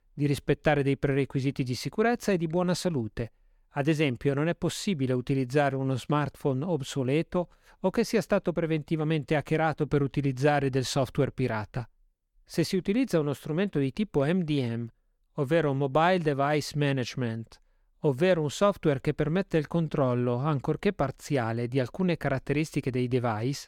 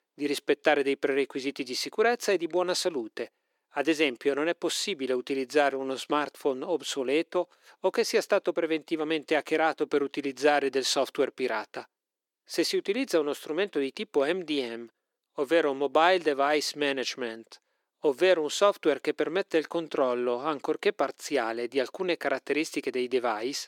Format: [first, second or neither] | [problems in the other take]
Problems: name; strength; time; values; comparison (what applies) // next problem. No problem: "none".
first | thin; somewhat; fading below 350 Hz